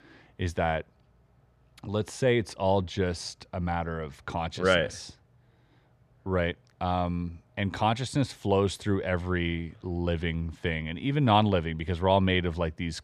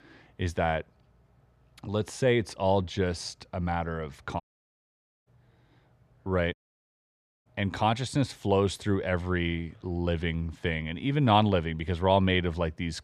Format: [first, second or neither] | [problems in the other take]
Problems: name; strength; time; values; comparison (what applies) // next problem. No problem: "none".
first | audio cutting out; at 4.5 s for 1 s and at 6.5 s for 1 s